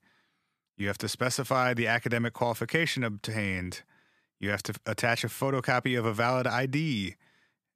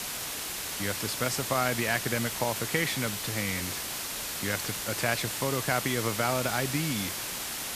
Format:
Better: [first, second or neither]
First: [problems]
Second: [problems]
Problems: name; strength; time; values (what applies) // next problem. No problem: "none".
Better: first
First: none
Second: hiss; loud; throughout; 2 dB below the speech